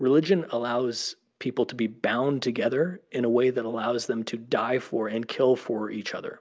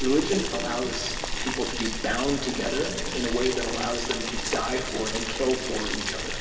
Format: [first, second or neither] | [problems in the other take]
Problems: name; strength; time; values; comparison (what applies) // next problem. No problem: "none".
first | background sound (Boiling); 2 dB below the speech // room echo; dies away in 2.5 s